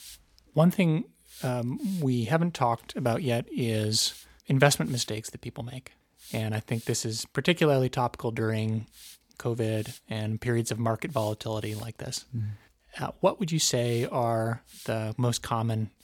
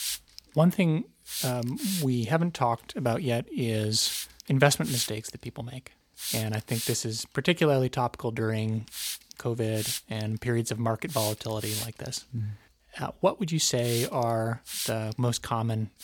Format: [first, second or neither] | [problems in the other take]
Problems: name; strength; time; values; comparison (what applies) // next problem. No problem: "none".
first | hiss; loud; throughout; 6 dB below the speech; faint in the first